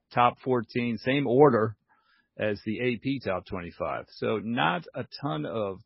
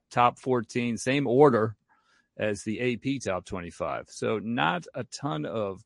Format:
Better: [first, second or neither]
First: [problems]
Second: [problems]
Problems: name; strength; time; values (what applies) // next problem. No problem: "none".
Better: second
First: garbled, watery; badly; nothing above 5.5 kHz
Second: garbled, watery; slightly; nothing above 11 kHz